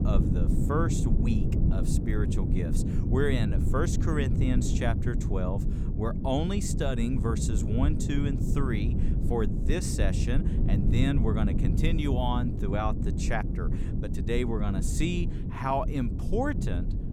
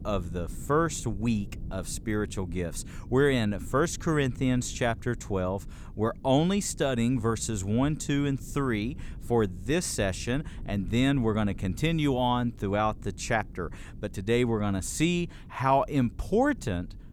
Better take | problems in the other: second | low rumble; loud; throughout; 5 dB below the speech; faint in the second

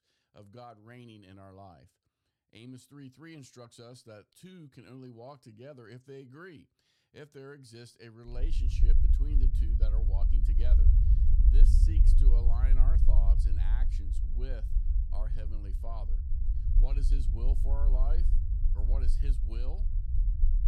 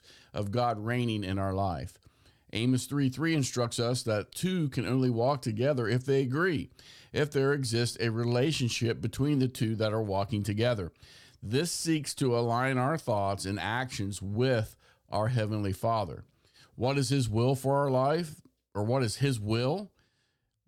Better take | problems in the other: second | low rumble; loud; from 8.5 s on; 1 dB below the speech

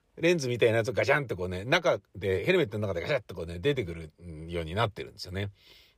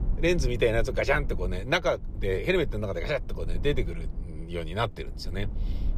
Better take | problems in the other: first | low rumble; faint; throughout; 20 dB below the speech

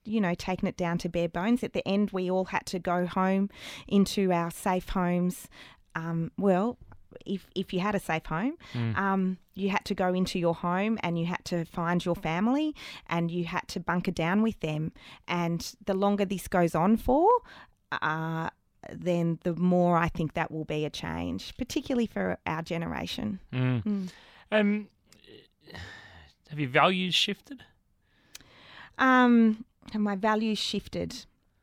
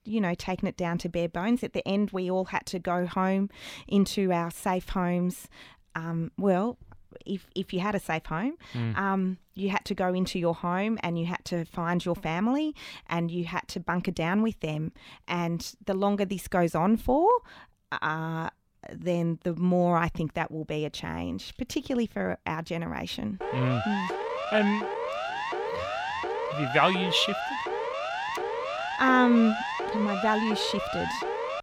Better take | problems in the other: first | siren; noticeable; from 23 s on; peak 3 dB below the speech

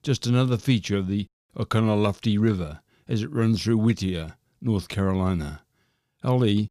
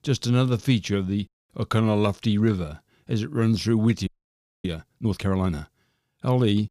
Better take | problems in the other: first | audio freezing; at 4 s for 0.5 s

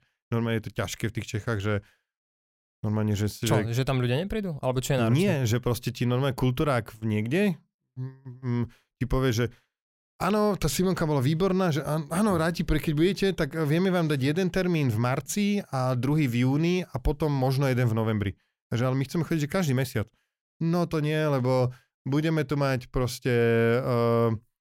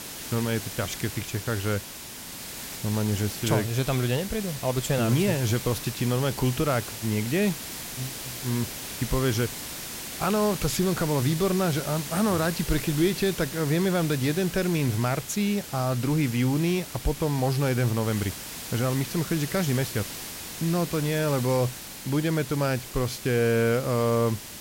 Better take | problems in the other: first | hiss; loud; throughout; 9 dB below the speech

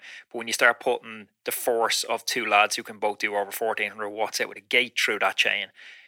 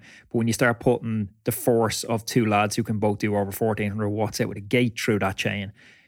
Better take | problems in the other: second | thin; very; fading below 650 Hz

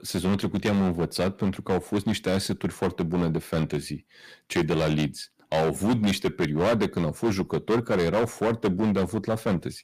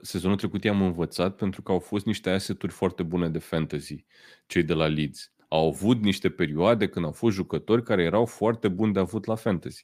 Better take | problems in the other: second | distortion; heavy; 11% of the sound clipped

